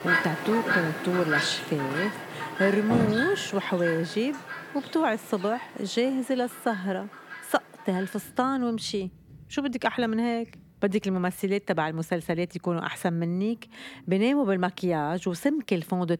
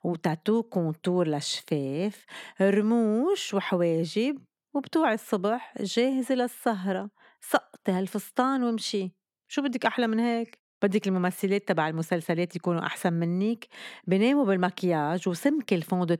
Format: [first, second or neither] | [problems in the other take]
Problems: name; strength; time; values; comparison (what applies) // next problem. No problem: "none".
second | animal sounds; loud; throughout; 3 dB below the speech